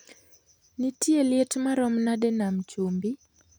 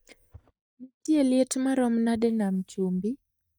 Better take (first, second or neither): first